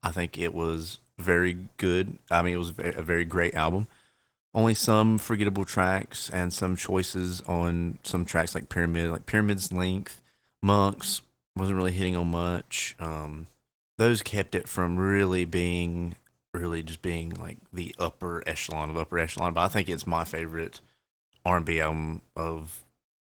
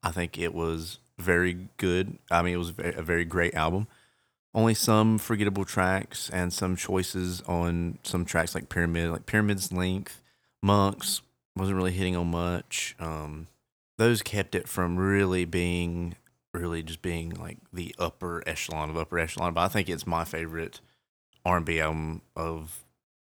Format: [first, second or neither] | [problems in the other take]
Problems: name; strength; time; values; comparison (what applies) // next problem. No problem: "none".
second | garbled, watery; slightly; nothing above 19 kHz